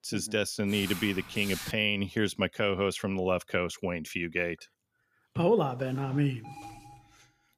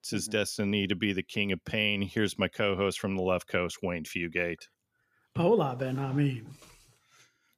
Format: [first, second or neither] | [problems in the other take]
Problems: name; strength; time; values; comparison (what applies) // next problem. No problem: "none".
second | footsteps; noticeable; from 0.5 to 1.5 s; peak 8 dB below the speech // alarm; faint; at 6.5 s; peak 15 dB below the speech